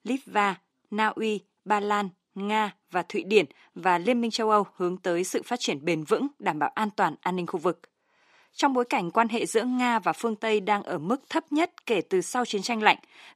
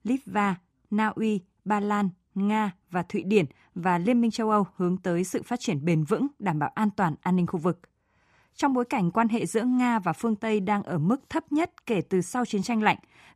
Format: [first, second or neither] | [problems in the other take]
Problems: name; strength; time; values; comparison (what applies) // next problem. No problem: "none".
second | thin; somewhat; fading below 350 Hz